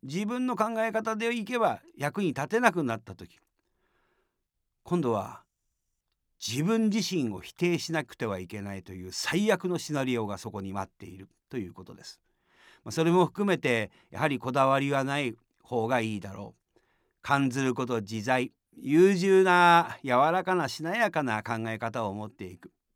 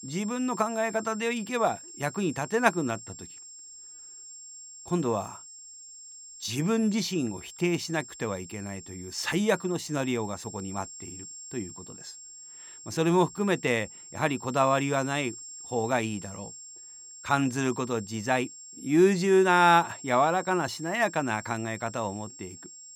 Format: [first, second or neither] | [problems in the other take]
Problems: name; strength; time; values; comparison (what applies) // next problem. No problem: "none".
first | high-pitched whine; noticeable; throughout; 7.5 kHz, 15 dB below the speech